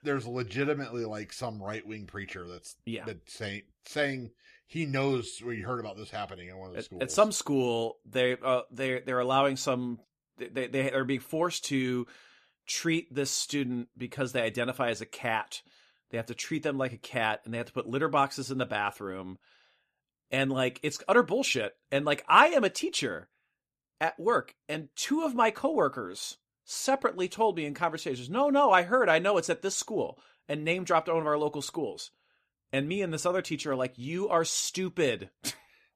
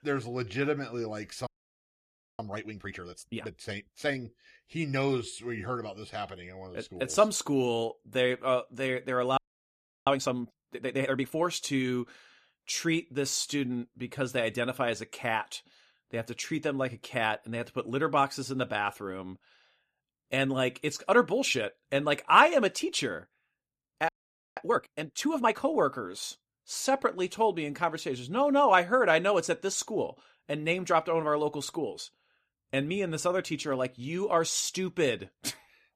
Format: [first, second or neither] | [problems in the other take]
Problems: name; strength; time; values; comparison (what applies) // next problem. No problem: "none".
first | audio freezing; at 1.5 s for 1 s, at 9.5 s for 0.5 s and at 24 s